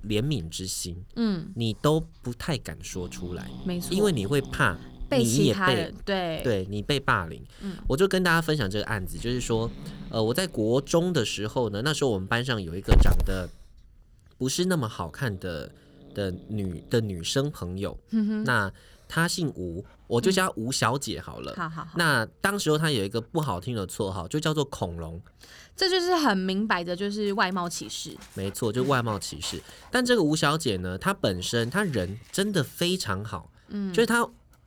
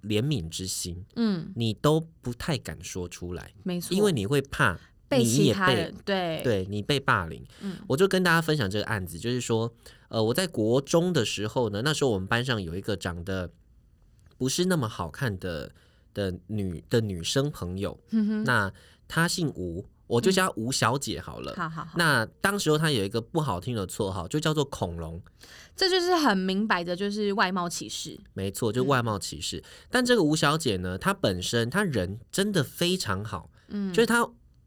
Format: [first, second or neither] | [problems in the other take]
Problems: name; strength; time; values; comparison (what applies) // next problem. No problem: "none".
second | animal sounds; loud; throughout; 9 dB below the speech